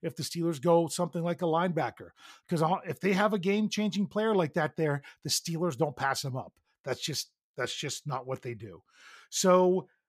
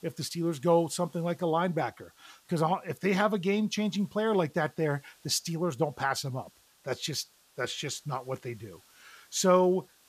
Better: first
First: none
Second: hiss; faint; throughout; 30 dB below the speech

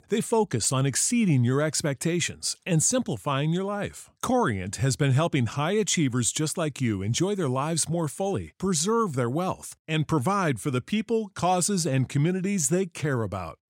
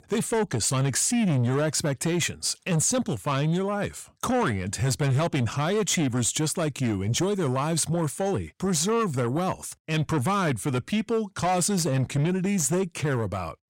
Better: first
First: none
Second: distortion; slight; 10 dB below the speech

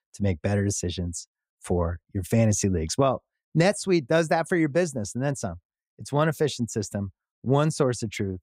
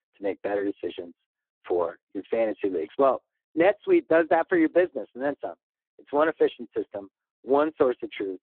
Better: first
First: none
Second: phone-call audio; poor line

